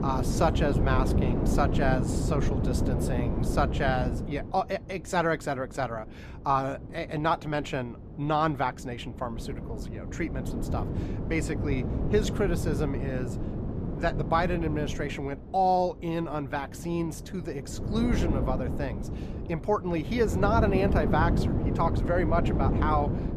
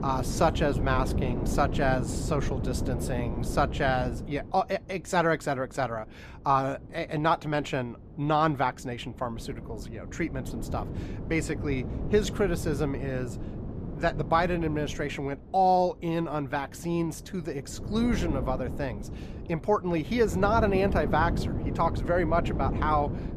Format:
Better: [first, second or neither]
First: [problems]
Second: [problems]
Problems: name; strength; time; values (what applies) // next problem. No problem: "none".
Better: second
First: wind noise on the microphone; heavy; 7 dB below the speech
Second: wind noise on the microphone; occasional gusts; 10 dB below the speech